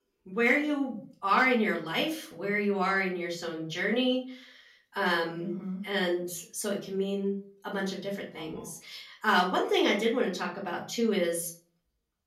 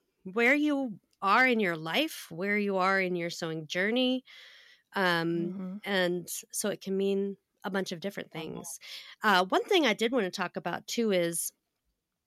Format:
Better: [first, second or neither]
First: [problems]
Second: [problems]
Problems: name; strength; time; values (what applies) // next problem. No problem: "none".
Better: second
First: off-mic speech; far // room echo; slight; dies away in 0.3 s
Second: none